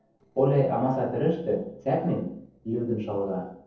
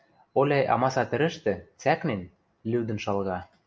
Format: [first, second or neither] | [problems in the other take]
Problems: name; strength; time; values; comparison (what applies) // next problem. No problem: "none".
second | noise reduction (neural separator model SepFormer DNS4)